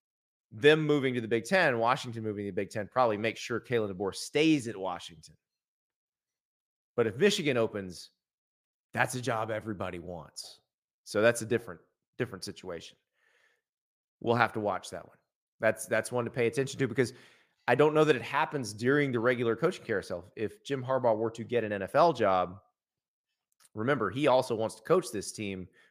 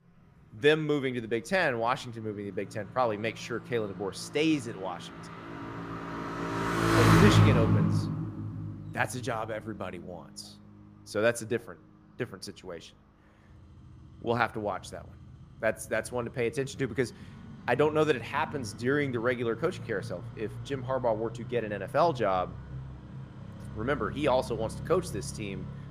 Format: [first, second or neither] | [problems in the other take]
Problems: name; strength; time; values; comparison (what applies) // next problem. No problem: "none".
first | traffic noise; loud; throughout; 1 dB below the speech